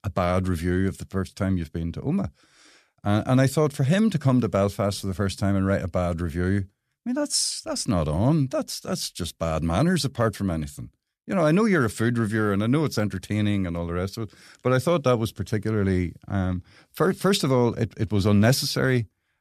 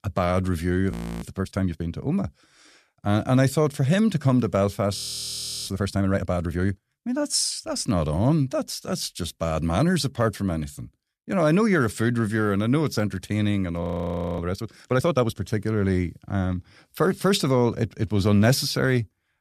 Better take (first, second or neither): first